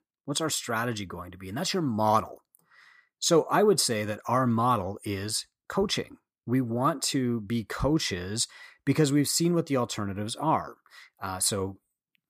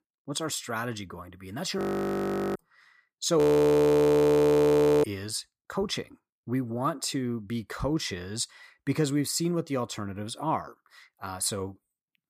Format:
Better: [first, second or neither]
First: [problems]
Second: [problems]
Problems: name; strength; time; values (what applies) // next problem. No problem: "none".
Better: first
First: none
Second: audio freezing; at 2 s for 1 s and at 3.5 s for 1.5 s